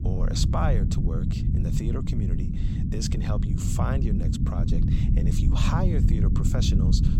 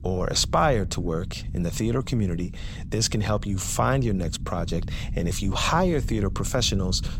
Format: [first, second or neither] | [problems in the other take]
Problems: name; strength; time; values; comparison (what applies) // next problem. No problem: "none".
second | low rumble; loud; throughout; 2 dB below the speech; faint in the second